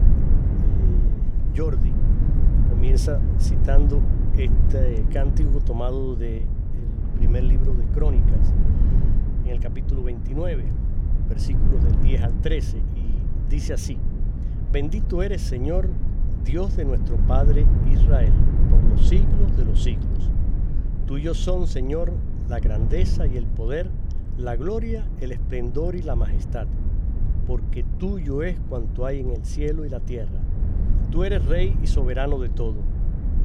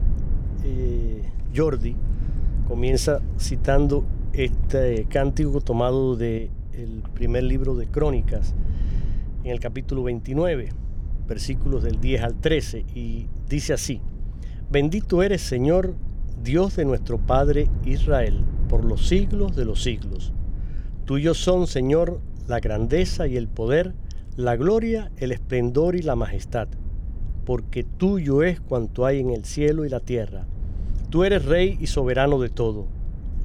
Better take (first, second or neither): second